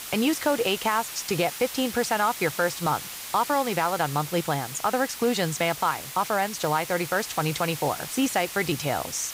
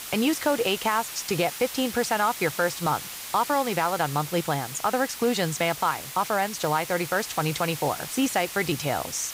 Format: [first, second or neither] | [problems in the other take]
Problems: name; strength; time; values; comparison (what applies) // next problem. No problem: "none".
neither | hiss; loud; throughout; 9 dB below the speech; the same in both